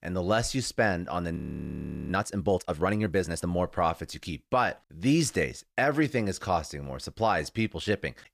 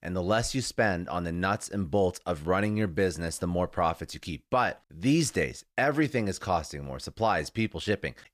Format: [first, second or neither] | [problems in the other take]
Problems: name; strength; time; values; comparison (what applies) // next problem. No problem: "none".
second | audio freezing; at 1.5 s for 0.5 s